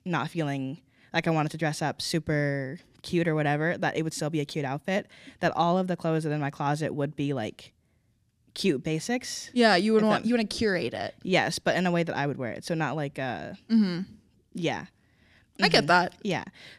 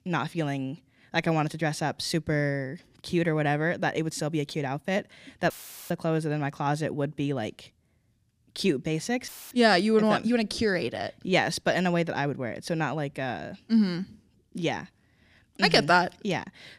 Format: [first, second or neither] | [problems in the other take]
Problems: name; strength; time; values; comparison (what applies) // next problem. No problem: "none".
first | audio cutting out; filled with static; at 5.5 s and at 9.5 s